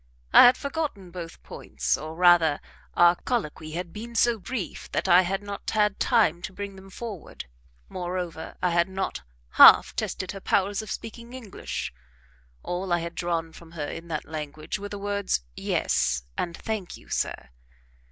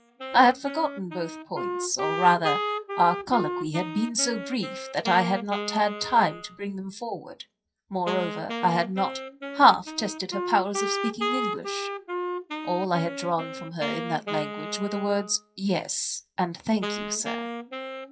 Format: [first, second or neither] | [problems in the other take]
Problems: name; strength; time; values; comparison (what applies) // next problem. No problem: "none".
first | noise reduction (classical method WPE with log-MMSE)